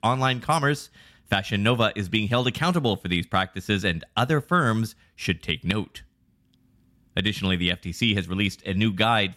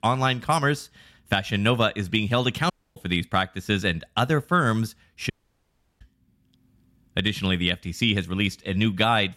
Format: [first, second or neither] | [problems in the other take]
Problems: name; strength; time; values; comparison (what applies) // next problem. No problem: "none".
first | audio cutting out; at 2.5 s and at 5.5 s for 0.5 s